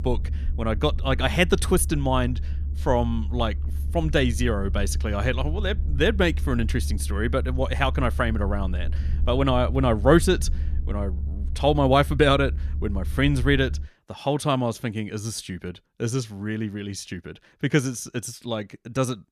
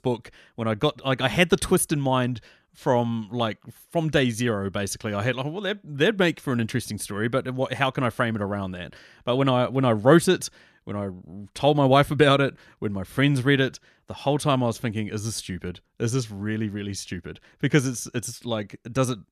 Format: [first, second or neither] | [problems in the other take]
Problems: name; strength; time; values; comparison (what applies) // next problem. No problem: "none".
second | low rumble; faint; until 14 s; 20 dB below the speech